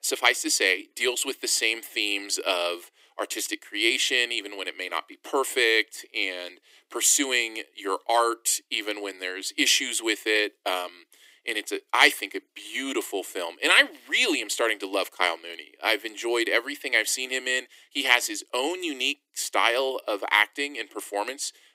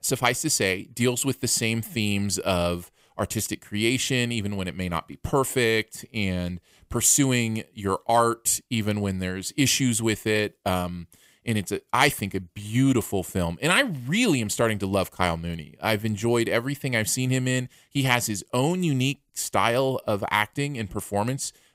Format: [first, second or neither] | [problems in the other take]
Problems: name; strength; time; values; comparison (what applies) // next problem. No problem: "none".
second | thin; very; fading below 300 Hz